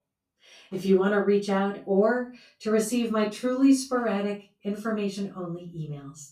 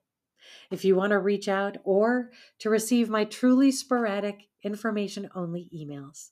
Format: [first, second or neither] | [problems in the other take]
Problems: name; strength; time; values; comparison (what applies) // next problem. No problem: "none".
second | off-mic speech; far // room echo; slight; dies away in 0.3 s